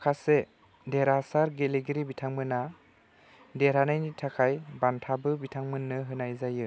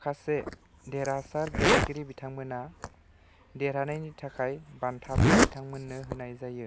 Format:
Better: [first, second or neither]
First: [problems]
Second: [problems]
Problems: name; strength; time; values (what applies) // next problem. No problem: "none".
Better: first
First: none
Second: background sound (Zipper (clothing)); 4 dB above the speech